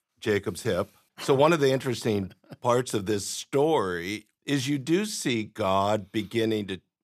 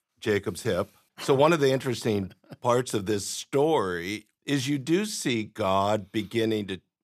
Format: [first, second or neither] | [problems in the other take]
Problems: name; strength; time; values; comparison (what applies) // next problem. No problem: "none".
neither | none